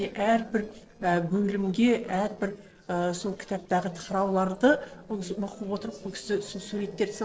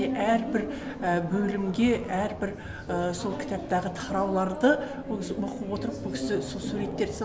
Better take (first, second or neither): second